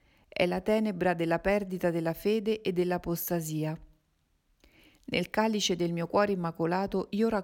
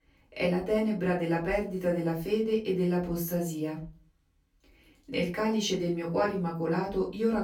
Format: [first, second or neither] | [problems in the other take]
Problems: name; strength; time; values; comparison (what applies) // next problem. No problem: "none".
first | off-mic speech; far // room echo; slight; dies away in 0.3 s